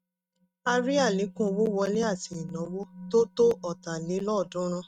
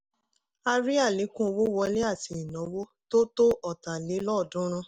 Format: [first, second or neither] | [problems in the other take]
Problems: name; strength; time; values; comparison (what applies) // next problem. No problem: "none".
second | noise reduction (neural mask model RNNoise)